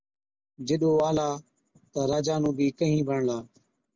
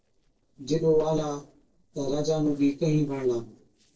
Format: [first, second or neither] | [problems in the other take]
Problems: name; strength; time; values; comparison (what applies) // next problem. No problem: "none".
first | noise reduction (neural separator model SepFormer DNS4)